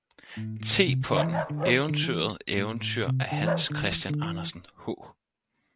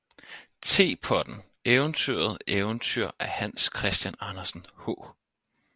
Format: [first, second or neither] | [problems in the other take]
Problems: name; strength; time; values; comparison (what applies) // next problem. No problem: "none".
second | background sound (Bark + Electric guitar); 1 dB above the speech